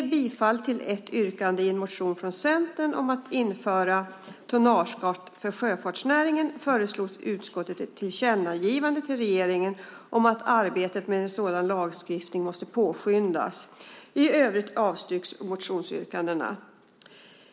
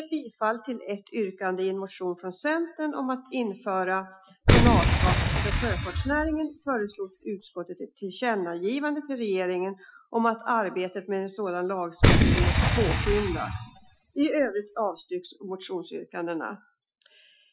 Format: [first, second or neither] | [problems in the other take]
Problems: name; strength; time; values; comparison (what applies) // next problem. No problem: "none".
first | noise reduction (classical method Wiener filter)